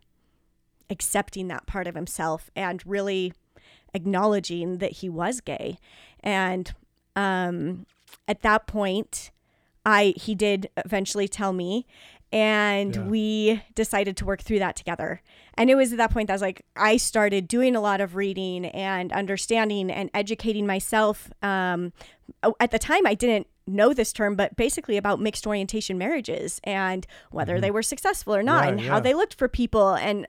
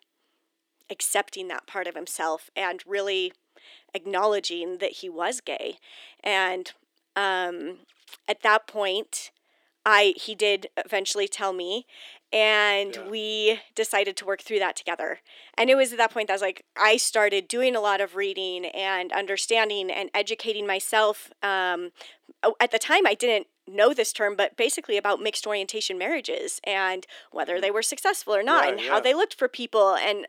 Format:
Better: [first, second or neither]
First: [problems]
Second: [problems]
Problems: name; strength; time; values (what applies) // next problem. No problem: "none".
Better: first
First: none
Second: thin; somewhat; fading below 300 Hz